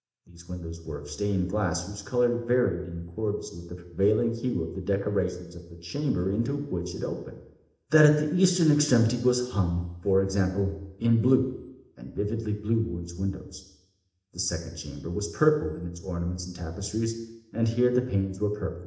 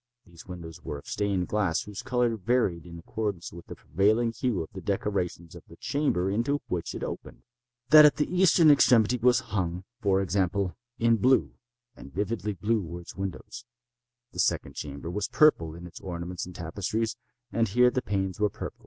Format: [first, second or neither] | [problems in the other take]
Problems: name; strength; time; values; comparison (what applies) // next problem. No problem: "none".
second | room echo; dies away in 0.8 s